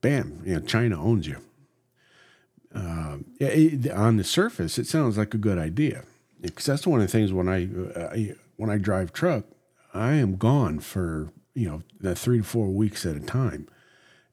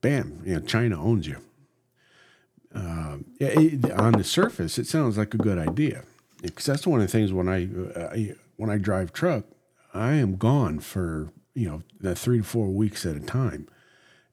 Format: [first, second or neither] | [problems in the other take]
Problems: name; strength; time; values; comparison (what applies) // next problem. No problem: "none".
first | door banging; loud; from 3.5 to 7 s; peak level with the speech